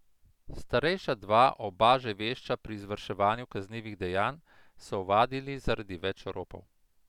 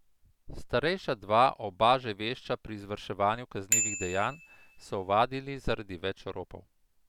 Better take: first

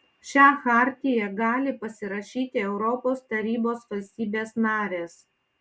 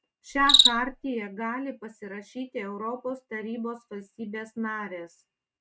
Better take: first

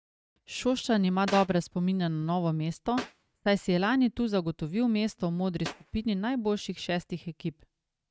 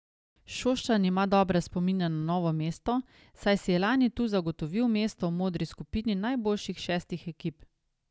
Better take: second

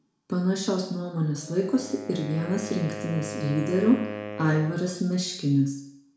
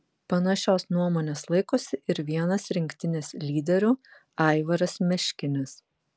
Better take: second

